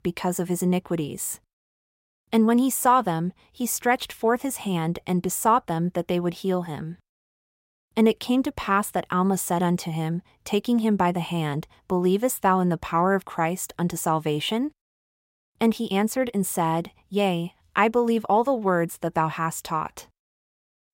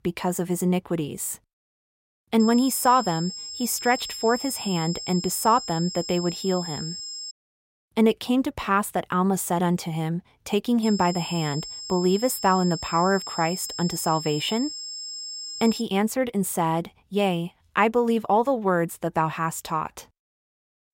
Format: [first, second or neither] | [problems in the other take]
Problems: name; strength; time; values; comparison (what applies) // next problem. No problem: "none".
first | high-pitched whine; loud; from 2.5 to 7.5 s and from 11 to 16 s; 5 kHz, 9 dB below the speech